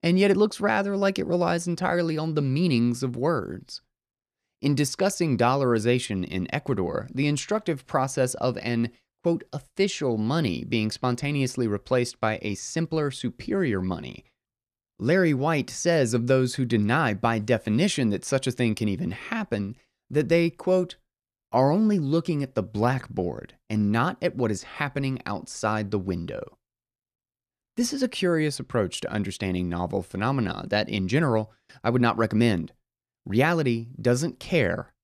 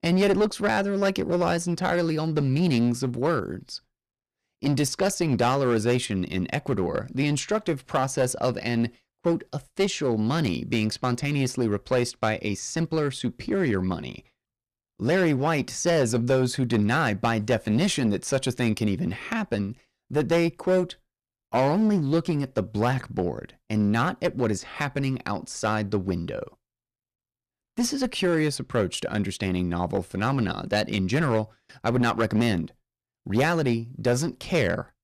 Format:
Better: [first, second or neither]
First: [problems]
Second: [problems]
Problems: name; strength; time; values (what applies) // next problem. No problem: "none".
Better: first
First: none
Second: distortion; slight; 8% of the sound clipped